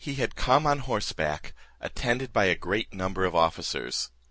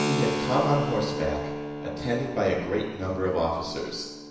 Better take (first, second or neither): first